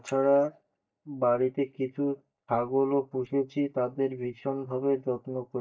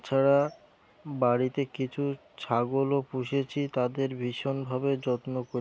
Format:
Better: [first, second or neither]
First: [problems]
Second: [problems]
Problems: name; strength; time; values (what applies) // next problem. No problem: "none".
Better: second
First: noise reduction (neural mask model DeepFilterNet 3)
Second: none